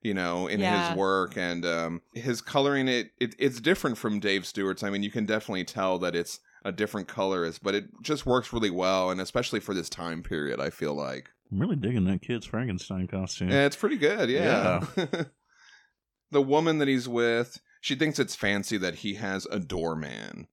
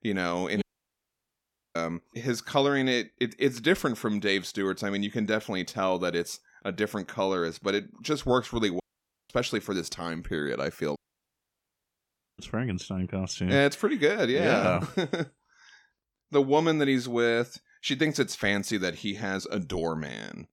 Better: first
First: none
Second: audio cutting out; at 0.5 s for 1 s, at 9 s and at 11 s for 1.5 s

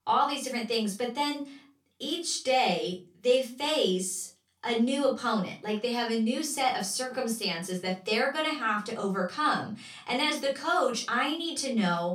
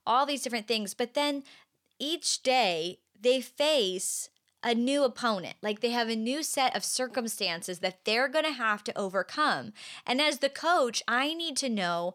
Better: second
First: off-mic speech; far // room echo; slight; dies away in 0.3 s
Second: none

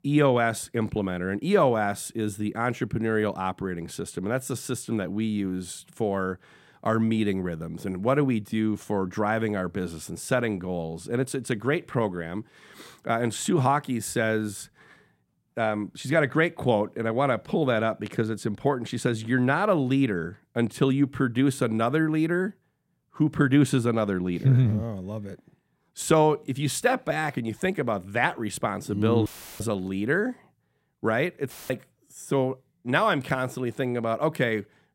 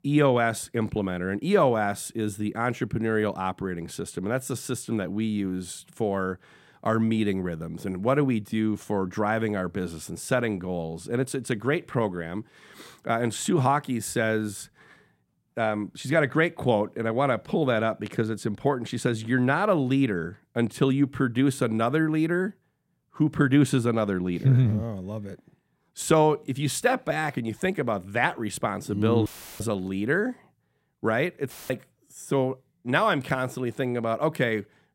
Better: neither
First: audio cutting out; filled with static; at 29 s and at 32 s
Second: audio cutting out; filled with static; at 29 s and at 32 s

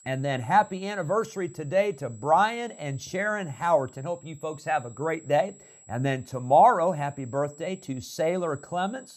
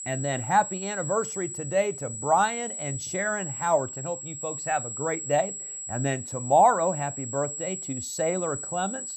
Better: first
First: high-pitched whine; faint; throughout; 7.5 kHz, 25 dB below the speech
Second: high-pitched whine; loud; throughout; 7.5 kHz, 6 dB below the speech

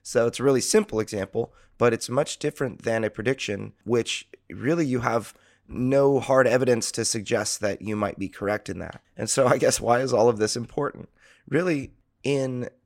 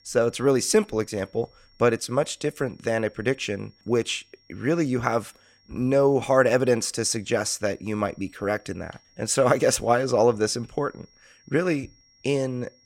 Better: first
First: none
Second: high-pitched whine; faint; throughout; 5.5 kHz, 35 dB below the speech

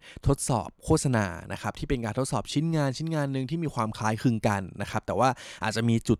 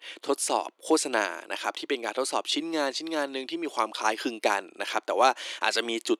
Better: first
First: none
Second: thin; very; fading below 300 Hz

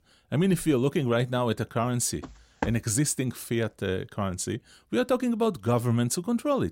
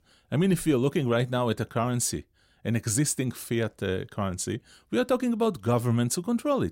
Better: second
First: footsteps; noticeable; at 2 s; peak 8 dB below the speech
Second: none

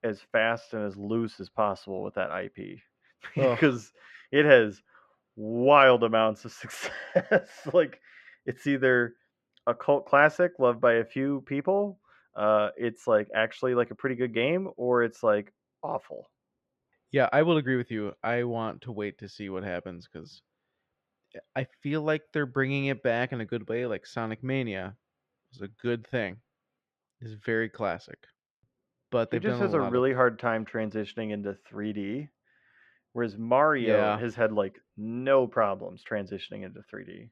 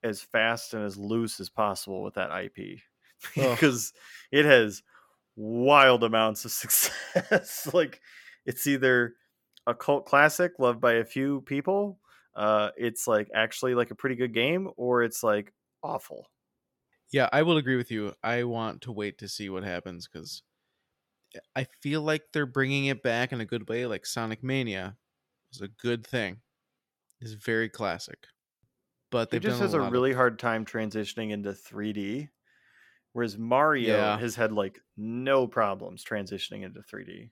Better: second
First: muffled; very; fading above 2.5 kHz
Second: none

